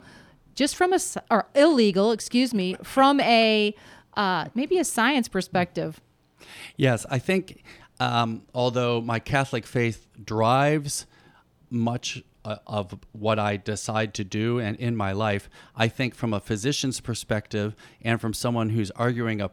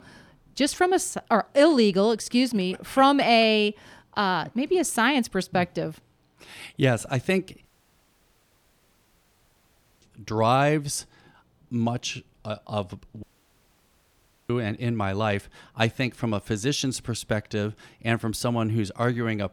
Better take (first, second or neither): first